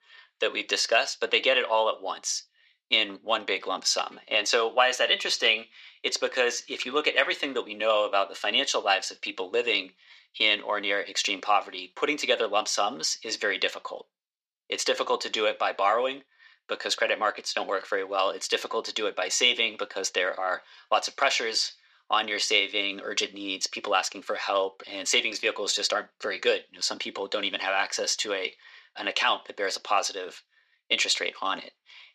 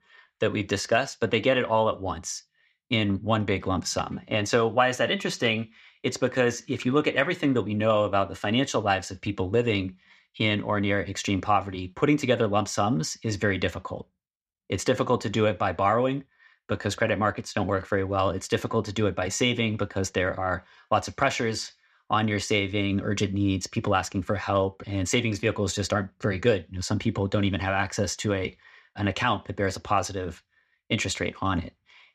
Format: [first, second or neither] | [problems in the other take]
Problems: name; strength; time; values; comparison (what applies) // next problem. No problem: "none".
second | thin; very; fading below 450 Hz